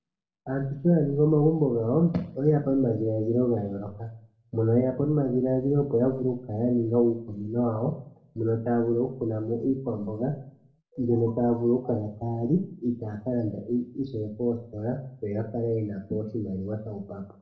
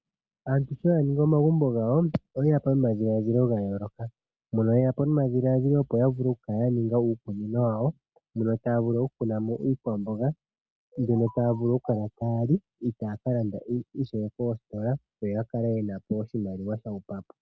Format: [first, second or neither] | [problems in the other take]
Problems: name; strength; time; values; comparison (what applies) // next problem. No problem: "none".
second | room echo; dies away in 0.5 s